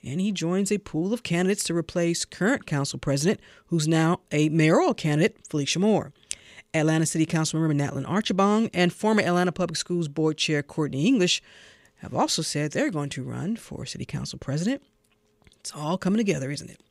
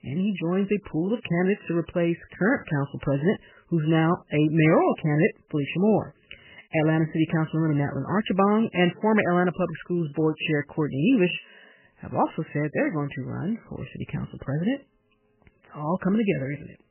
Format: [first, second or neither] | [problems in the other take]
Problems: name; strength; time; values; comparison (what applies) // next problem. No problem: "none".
first | garbled, watery; badly; nothing above 3 kHz